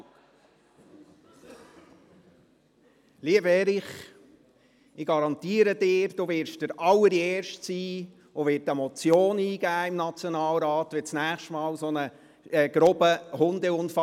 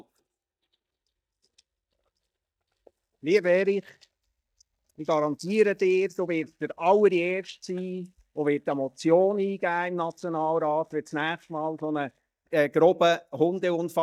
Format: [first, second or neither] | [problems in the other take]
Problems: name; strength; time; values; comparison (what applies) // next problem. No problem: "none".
first | noise reduction (neural mask model DeepFilterNet 3)